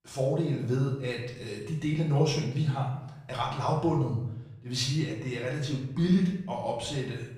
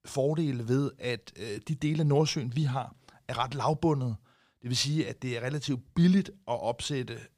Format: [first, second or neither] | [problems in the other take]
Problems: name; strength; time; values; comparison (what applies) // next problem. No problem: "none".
second | room echo; noticeable; dies away in 0.7 s // off-mic speech; far